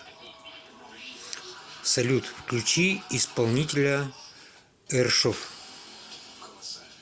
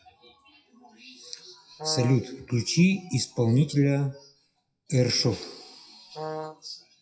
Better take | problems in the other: first | noise reduction (classical method WPE with log-MMSE)

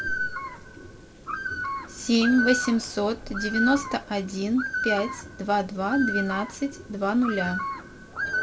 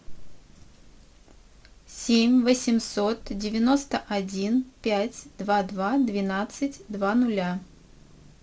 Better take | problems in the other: second | background sound (Bird); 5 dB below the speech

